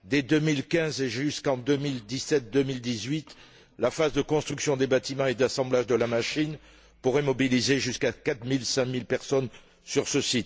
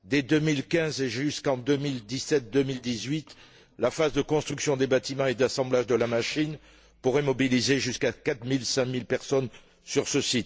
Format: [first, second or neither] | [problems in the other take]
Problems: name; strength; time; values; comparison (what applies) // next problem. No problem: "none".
first | noise reduction (neural separator model SepFormer DNS4)